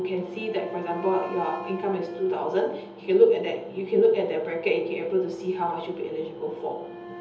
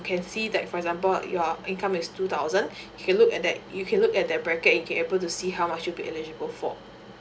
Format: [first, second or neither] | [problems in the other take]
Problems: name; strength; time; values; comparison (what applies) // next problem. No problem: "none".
second | background sound (Wind instrument, woodwind instrument); 16 dB below the speech // room echo; dies away in 0.8 s